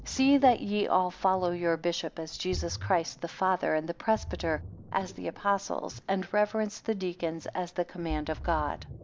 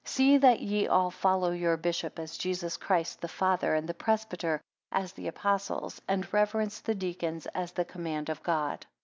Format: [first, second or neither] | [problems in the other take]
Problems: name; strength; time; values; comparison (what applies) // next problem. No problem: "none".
second | background sound (Ocean); 14 dB below the speech